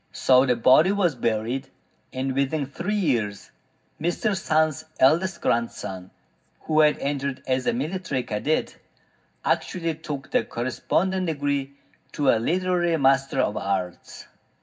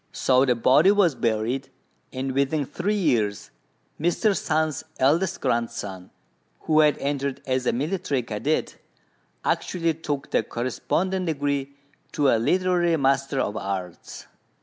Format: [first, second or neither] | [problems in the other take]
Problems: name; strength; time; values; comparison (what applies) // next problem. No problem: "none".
second | room echo; dies away in 0.4 s